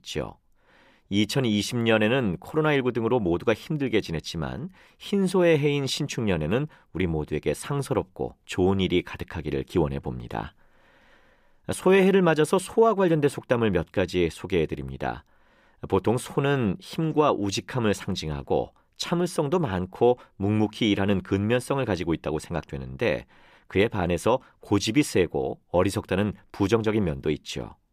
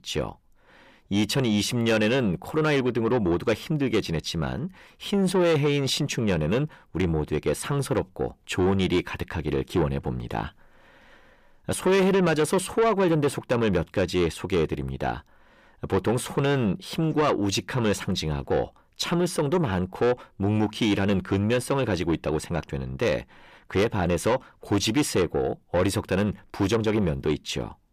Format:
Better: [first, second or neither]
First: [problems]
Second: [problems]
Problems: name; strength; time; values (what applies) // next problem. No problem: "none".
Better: first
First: none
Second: distortion; slight; 10 dB below the speech